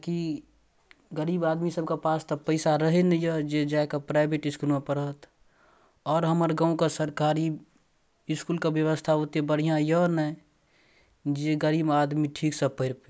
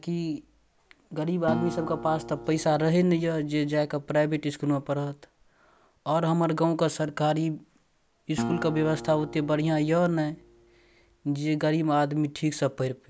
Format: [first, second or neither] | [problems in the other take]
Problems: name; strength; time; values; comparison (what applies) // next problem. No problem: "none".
first | background sound (Acoustic guitar); 11 dB below the speech